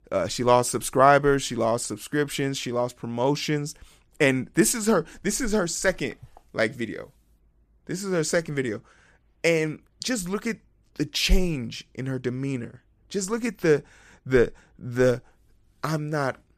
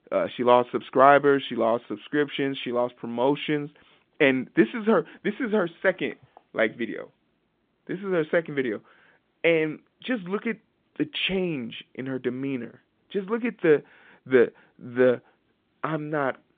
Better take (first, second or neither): first